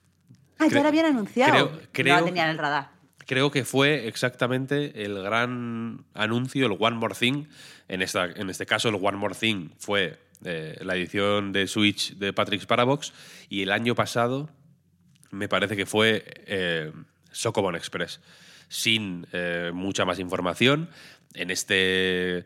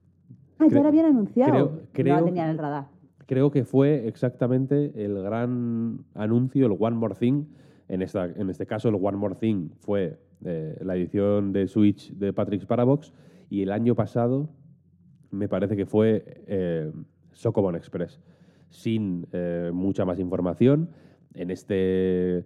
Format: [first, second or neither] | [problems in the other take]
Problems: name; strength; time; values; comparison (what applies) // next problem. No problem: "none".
first | muffled; very; fading above 1 kHz